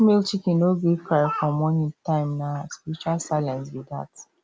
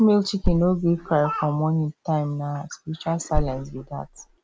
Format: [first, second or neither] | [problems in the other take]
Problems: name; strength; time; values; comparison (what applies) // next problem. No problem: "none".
first | background sound (Thump, thud); 4 dB below the speech